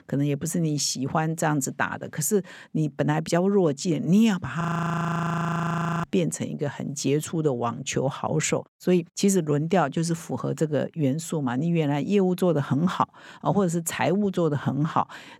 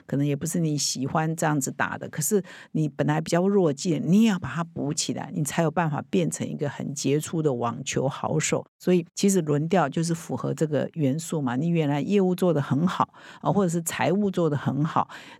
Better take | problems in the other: second | audio freezing; at 4.5 s for 1.5 s

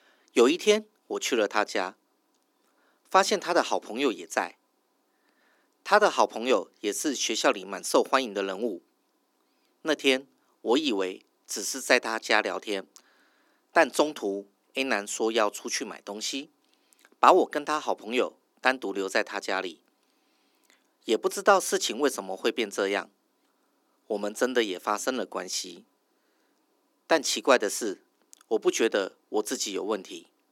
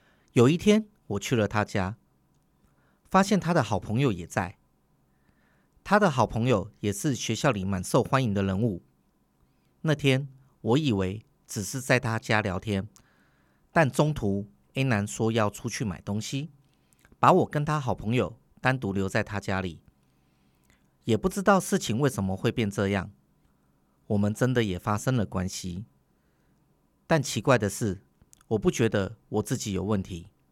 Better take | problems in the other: second | thin; somewhat; fading below 300 Hz

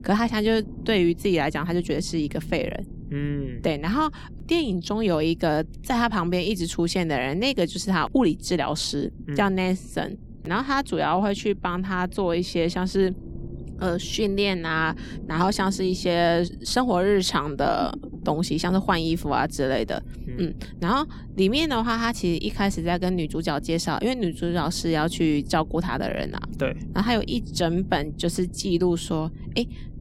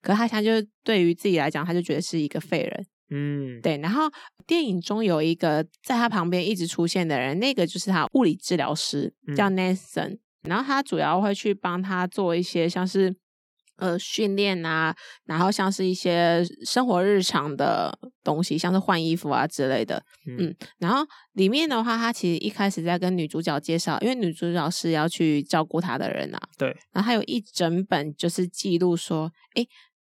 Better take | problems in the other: second | low rumble; faint; throughout; 20 dB below the speech

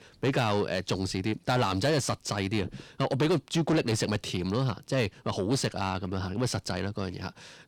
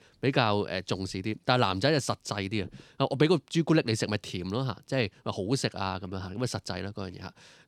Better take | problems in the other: second | distortion; heavy; 7 dB below the speech

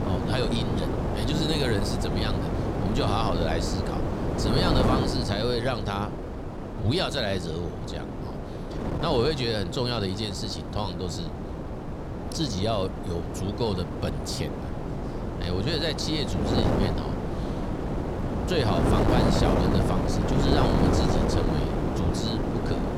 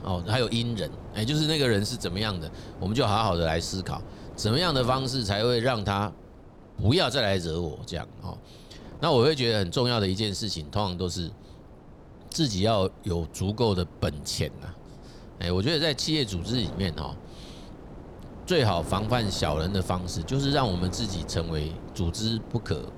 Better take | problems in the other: second | wind noise on the microphone; heavy; 1 dB below the speech; occasional gusts in the second

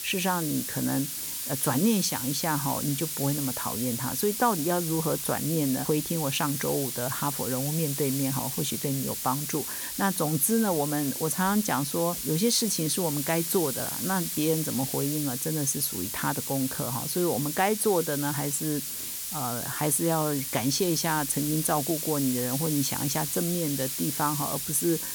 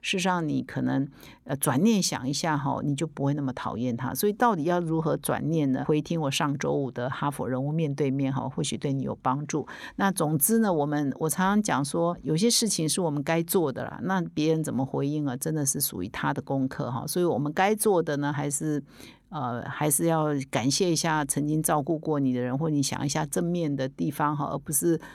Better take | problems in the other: second | hiss; loud; throughout; 2 dB below the speech

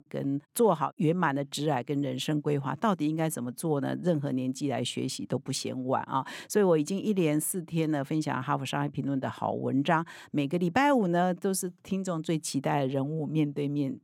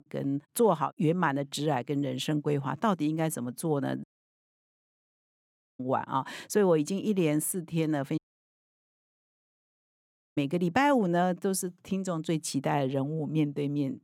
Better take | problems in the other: first | audio cutting out; at 4 s for 2 s and at 8 s for 2 s

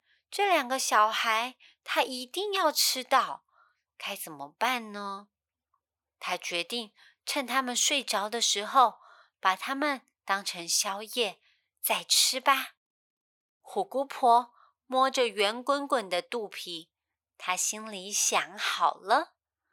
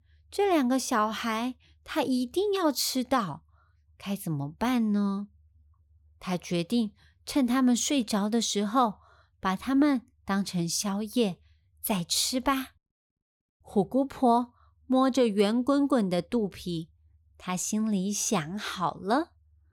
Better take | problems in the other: second | thin; very; fading below 750 Hz

